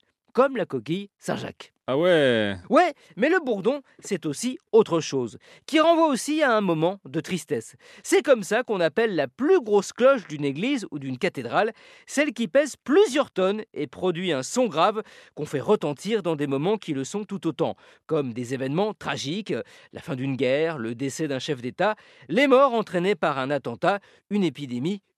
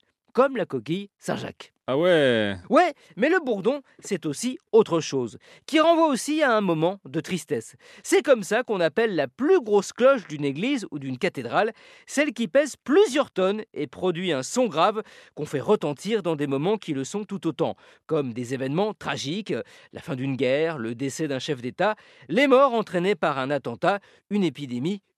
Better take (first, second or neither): neither